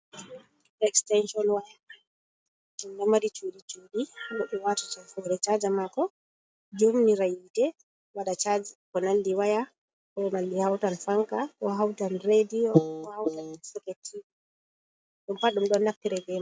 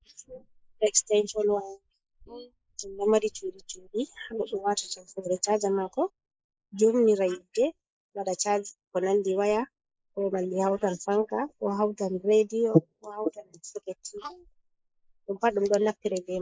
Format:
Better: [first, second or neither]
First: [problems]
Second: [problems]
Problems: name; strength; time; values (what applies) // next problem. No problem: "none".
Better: first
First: none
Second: noise reduction (neural mask model Resemble Enhance denoiser)